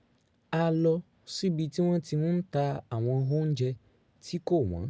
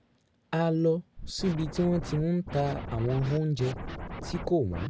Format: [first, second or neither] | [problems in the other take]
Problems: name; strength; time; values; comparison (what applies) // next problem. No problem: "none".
first | background sound (Scratching (performance technique)); 9 dB below the speech